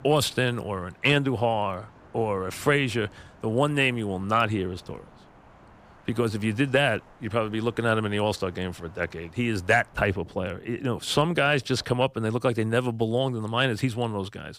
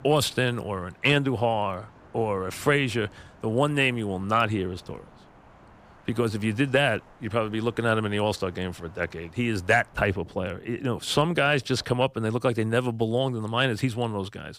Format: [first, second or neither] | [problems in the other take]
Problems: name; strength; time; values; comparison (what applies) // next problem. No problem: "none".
neither | rain or running water; faint; until 12 s; 25 dB below the speech; the same in both